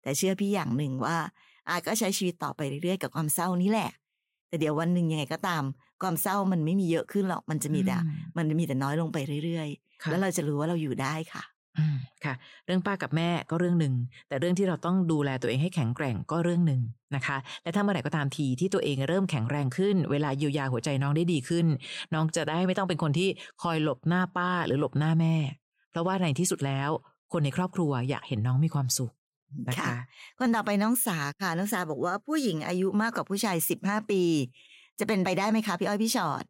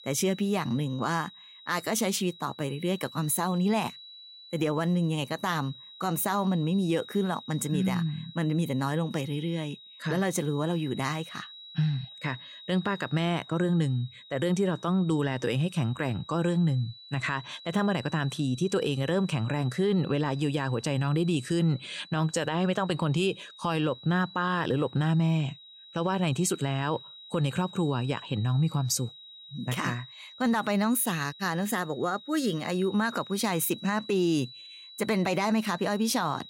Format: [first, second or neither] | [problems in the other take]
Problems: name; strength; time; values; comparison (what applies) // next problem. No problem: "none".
first | high-pitched whine; noticeable; throughout; 4 kHz, 15 dB below the speech